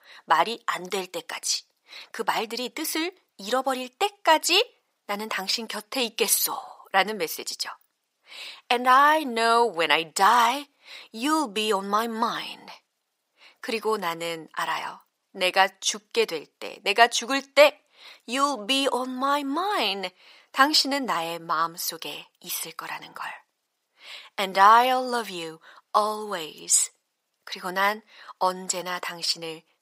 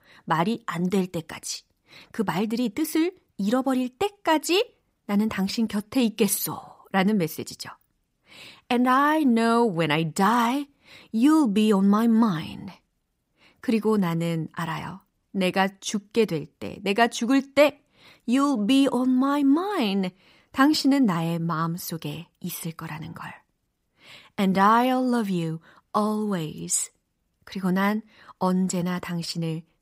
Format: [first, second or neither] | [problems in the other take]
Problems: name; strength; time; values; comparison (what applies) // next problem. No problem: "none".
second | thin; very; fading below 650 Hz